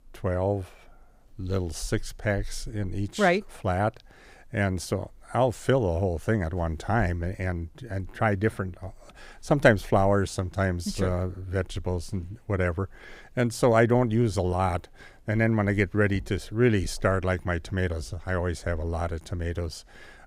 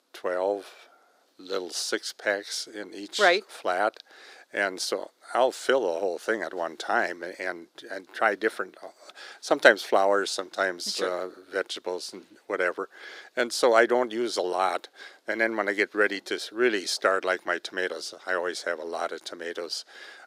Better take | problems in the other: first | thin; very; fading below 350 Hz

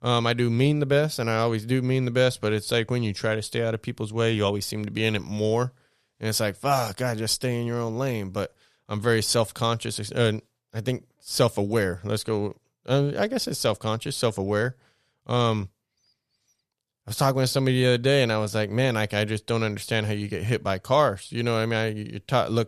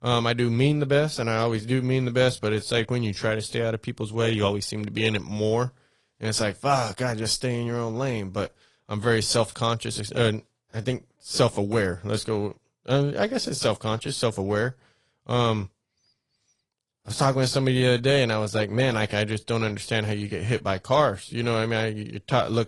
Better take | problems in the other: first | garbled, watery; slightly; nothing above 10.5 kHz

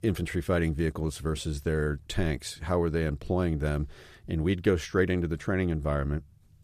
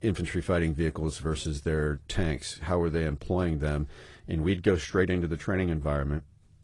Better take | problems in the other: first | garbled, watery; slightly

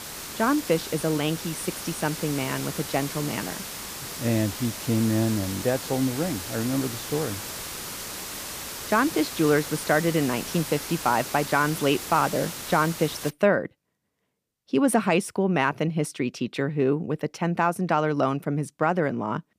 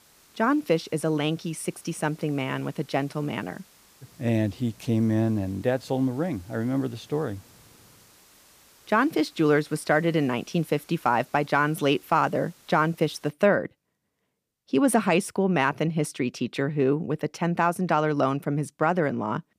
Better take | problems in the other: second | hiss; loud; until 13 s; 8 dB below the speech; faint in the second

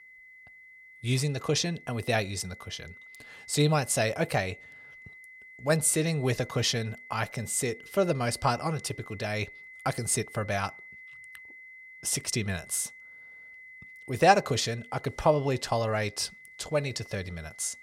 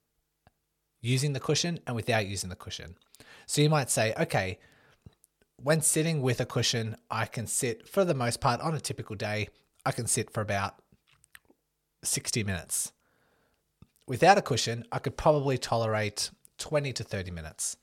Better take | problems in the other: second | high-pitched whine; noticeable; throughout; 2 kHz, 20 dB below the speech

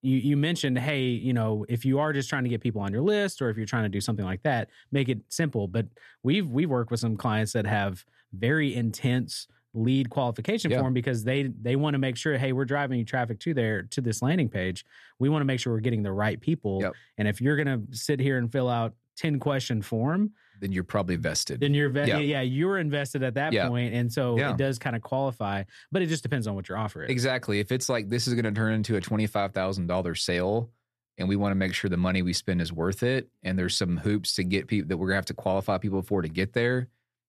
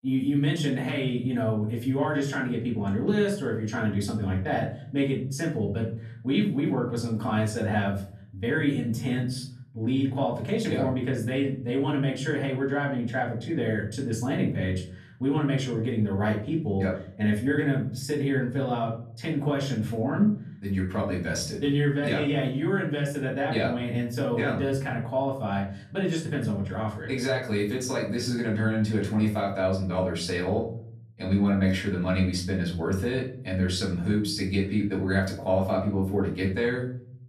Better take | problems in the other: first | off-mic speech; far // room echo; slight; dies away in 0.5 s

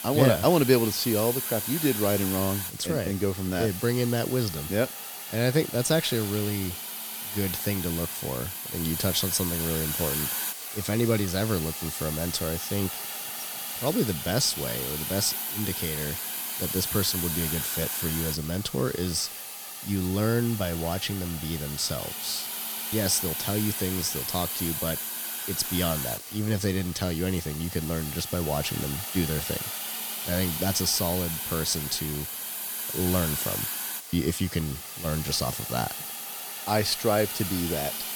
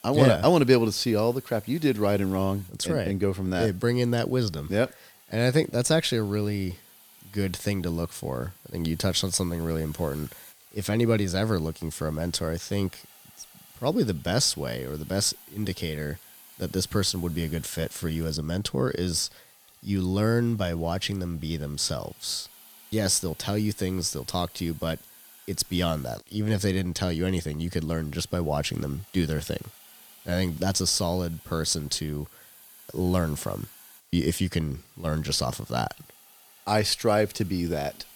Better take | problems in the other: second | hiss; loud; throughout; 3 dB below the speech; faint in the second

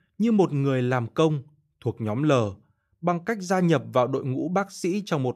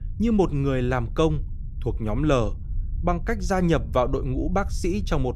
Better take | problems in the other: first | low rumble; faint; throughout; 25 dB below the speech

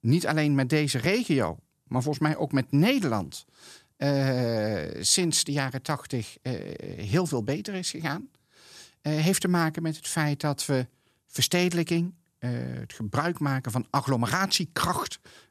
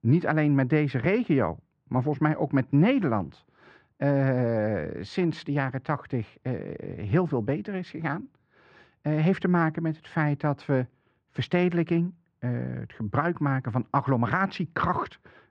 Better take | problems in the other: first | muffled; very; fading above 2 kHz

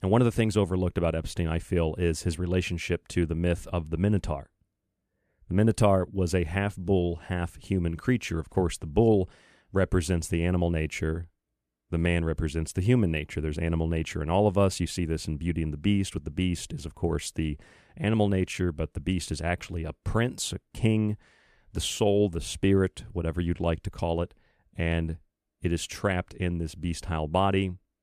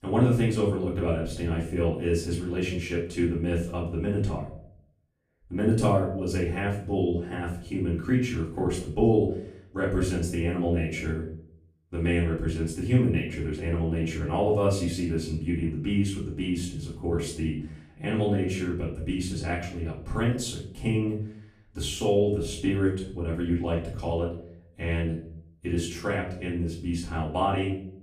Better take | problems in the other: first | off-mic speech; far // room echo; slight; dies away in 0.5 s

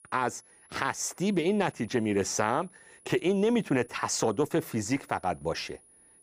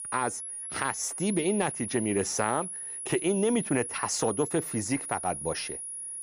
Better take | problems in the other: first | high-pitched whine; loud; throughout; 10.5 kHz, 5 dB below the speech; faint in the first

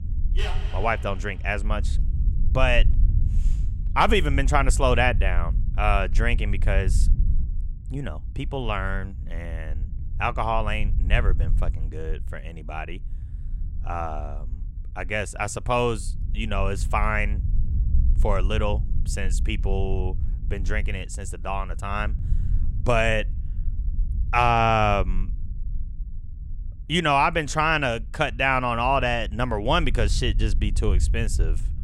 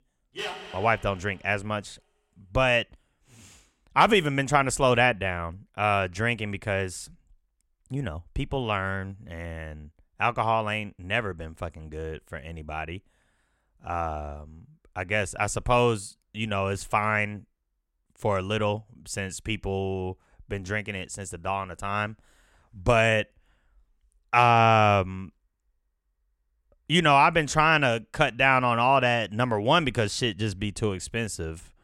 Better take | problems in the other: second | low rumble; faint; throughout; 25 dB below the speech

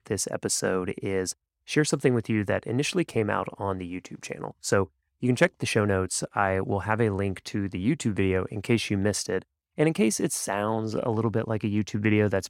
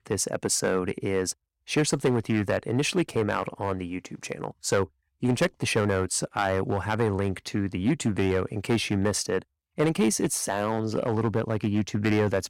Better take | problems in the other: first | distortion; slight; 4% of the sound clipped

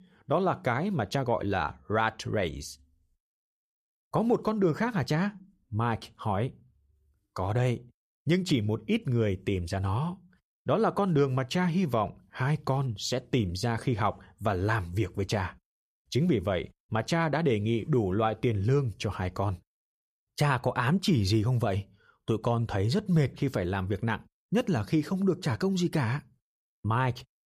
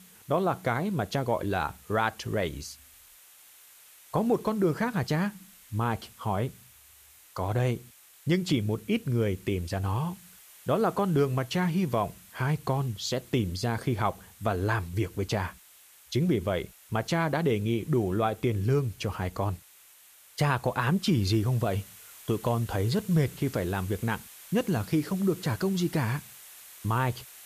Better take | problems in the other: first | hiss; faint; throughout; 20 dB below the speech

